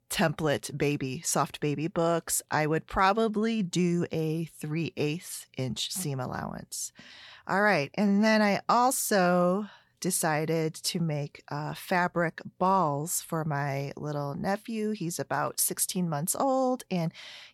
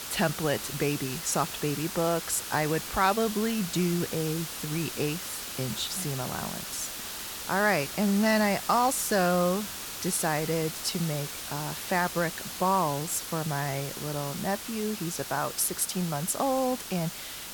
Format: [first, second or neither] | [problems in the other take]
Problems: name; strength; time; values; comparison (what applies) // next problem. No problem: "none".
first | hiss; loud; throughout; 6 dB below the speech